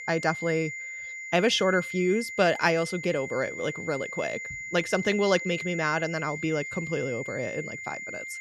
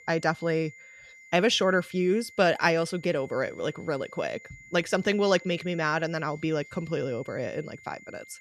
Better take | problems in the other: second | high-pitched whine; loud; throughout; 2 kHz, 8 dB below the speech; faint in the second

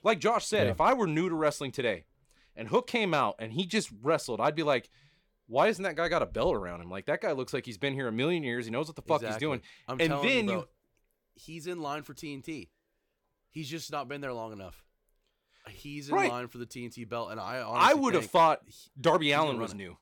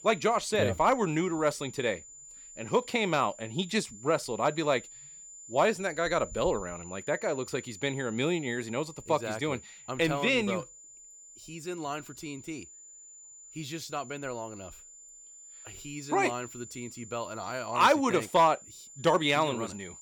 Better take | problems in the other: first | high-pitched whine; noticeable; throughout; 7 kHz, 15 dB below the speech

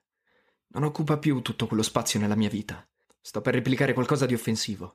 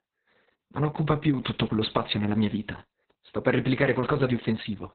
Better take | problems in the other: first | garbled, watery; badly; nothing above 4 kHz

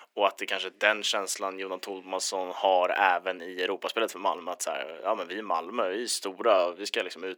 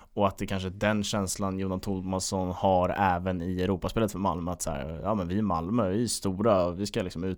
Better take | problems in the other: second | thin; very; fading below 350 Hz

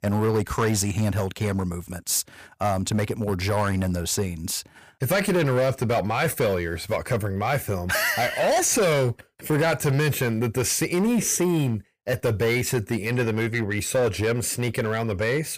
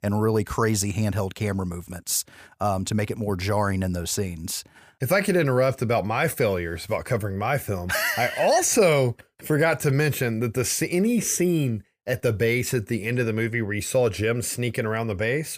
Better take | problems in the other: second | distortion; slight; 10% of the sound clipped

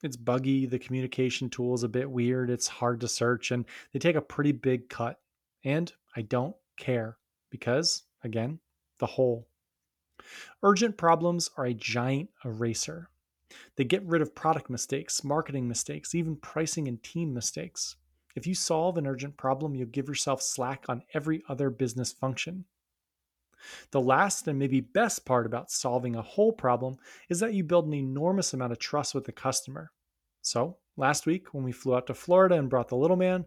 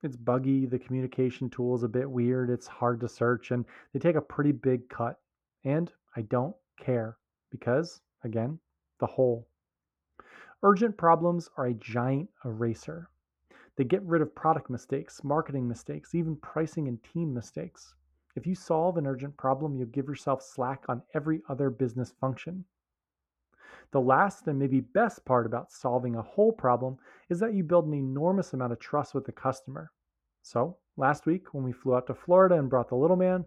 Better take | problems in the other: first | muffled; very; fading above 2 kHz

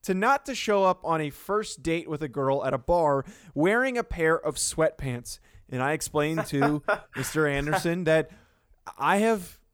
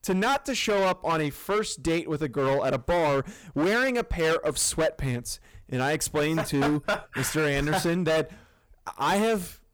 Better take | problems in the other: first | distortion; heavy; 17% of the sound clipped

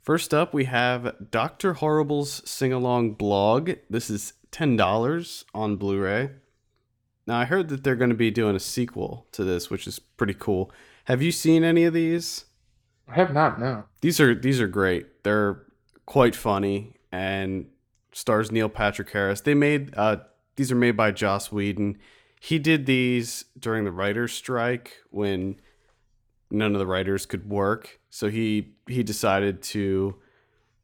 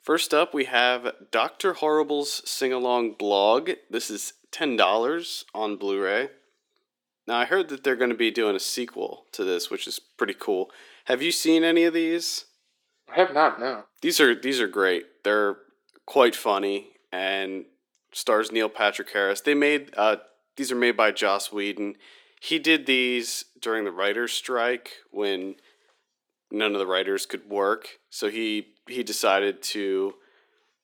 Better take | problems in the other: first | thin; somewhat; fading below 300 Hz

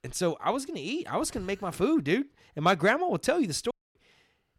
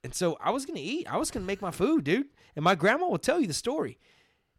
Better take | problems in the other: second | audio cutting out; at 3.5 s

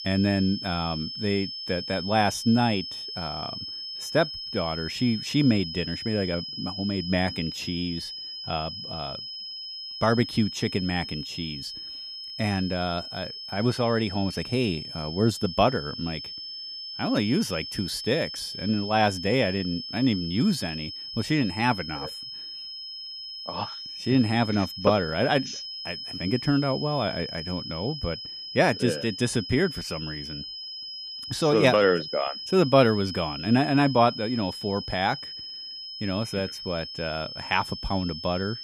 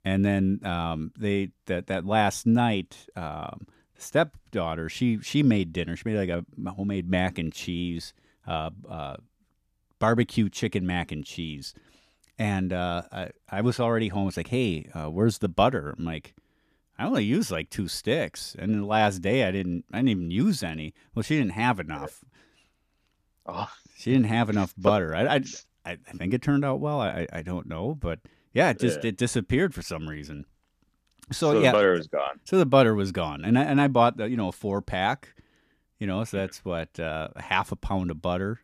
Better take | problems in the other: second | high-pitched whine; loud; throughout; 5 kHz, 8 dB below the speech

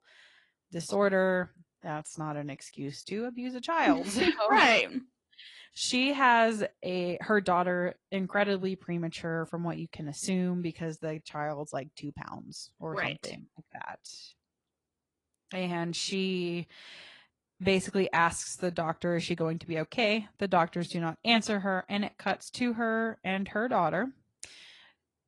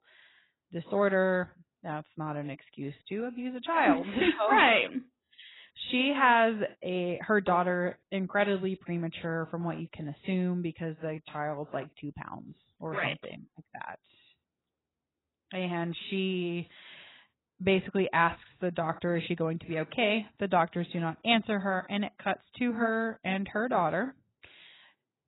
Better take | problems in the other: first | garbled, watery; badly; nothing above 4 kHz; slightly in the first

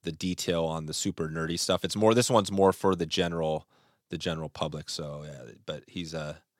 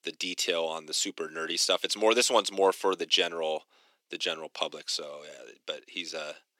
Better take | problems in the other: first | thin; somewhat; fading below 300 Hz

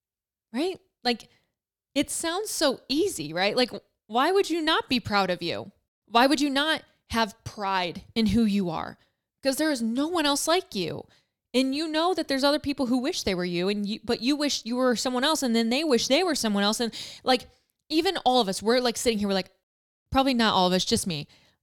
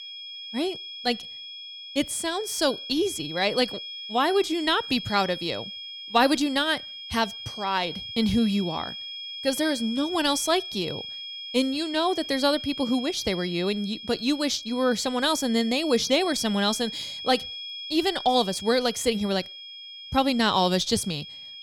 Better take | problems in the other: first | high-pitched whine; loud; throughout; 3.5 kHz, 10 dB below the speech

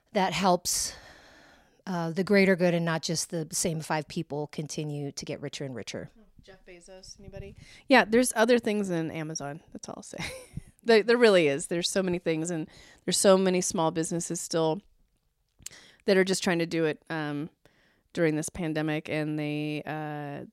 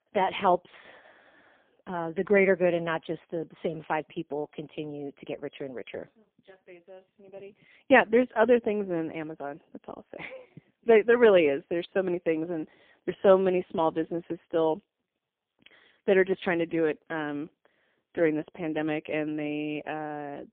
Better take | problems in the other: first | phone-call audio; poor line

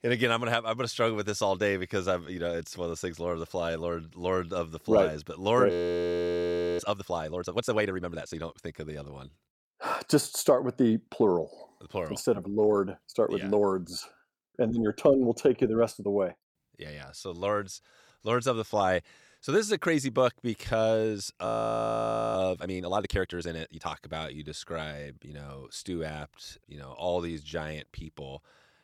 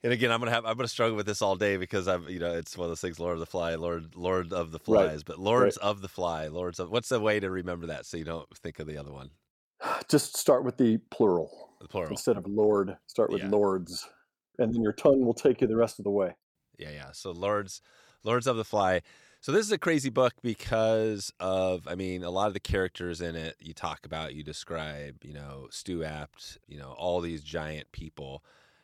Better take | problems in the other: second | audio freezing; at 5.5 s for 1 s and at 21 s for 1 s

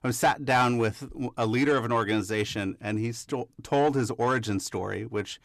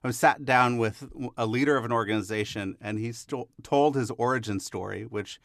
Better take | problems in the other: second | distortion; slight; 10 dB below the speech

